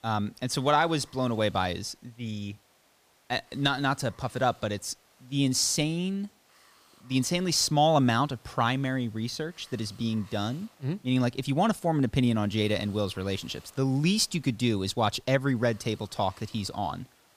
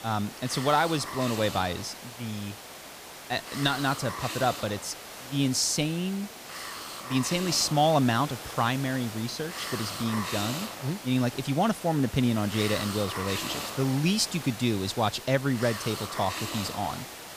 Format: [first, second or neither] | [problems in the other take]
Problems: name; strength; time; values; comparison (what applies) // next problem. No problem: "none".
first | hiss; loud; throughout; 8 dB below the speech; faint in the first